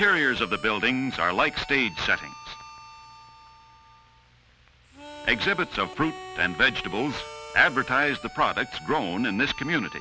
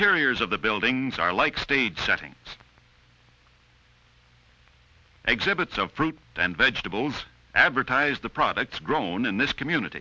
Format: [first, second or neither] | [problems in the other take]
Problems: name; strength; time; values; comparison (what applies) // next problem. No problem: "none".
second | background sound (Harmonica); 16 dB below the speech